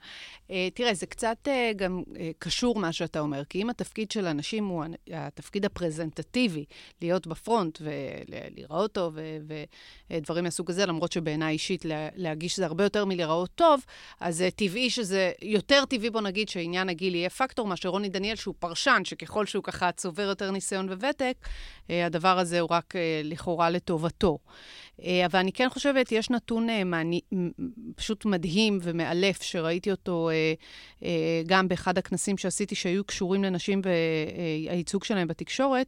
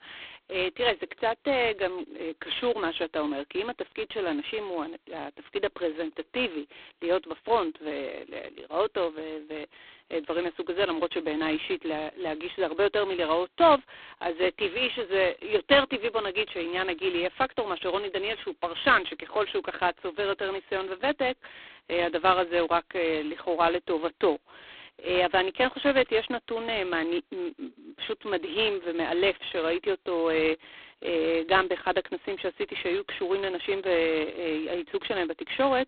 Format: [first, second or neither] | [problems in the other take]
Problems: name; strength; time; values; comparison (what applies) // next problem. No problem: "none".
first | phone-call audio; poor line; nothing above 4 kHz